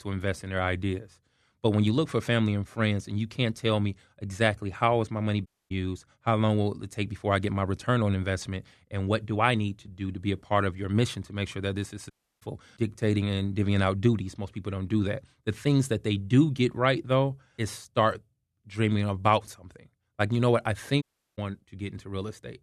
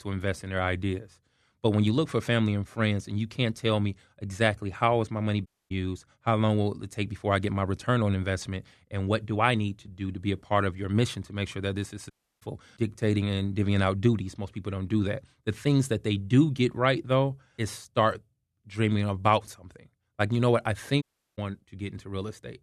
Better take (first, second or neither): neither